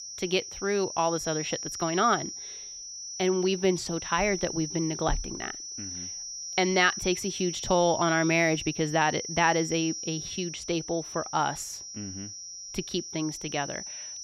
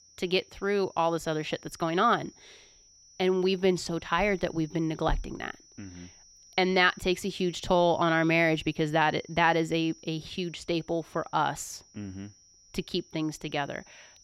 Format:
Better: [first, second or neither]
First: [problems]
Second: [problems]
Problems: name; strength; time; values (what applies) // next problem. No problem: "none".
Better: second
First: high-pitched whine; loud; throughout; 5.5 kHz, 8 dB below the speech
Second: high-pitched whine; faint; throughout; 5.5 kHz, 25 dB below the speech